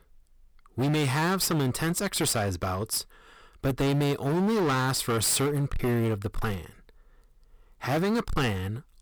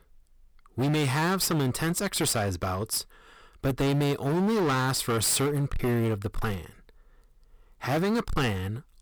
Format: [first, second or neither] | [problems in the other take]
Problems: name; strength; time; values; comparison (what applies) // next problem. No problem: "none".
neither | distortion; heavy; 22% of the sound clipped; the same in both